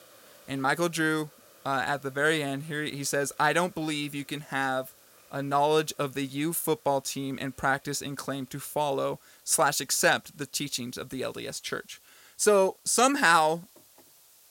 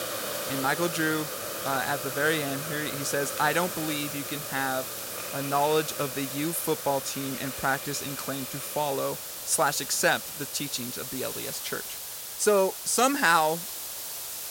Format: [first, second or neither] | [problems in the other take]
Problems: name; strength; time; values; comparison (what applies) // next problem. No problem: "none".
first | hiss; loud; throughout; 5 dB below the speech; faint in the first